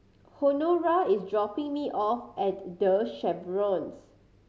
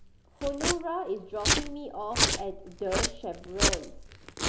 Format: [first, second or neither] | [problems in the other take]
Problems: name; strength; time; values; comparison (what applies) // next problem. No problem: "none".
first | background sound (Domestic sounds, home sounds); 5 dB above the speech